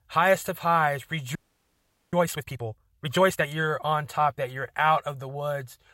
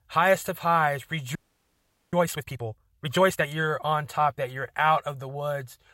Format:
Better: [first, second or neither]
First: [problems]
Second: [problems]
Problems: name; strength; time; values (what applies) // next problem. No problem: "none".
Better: neither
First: audio freezing; at 1.5 s for 1 s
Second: audio freezing; at 1.5 s for 1 s